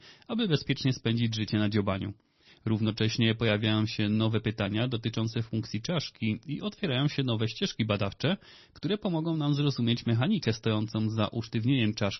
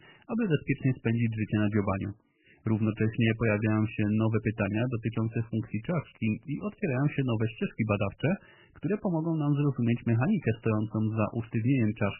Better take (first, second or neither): first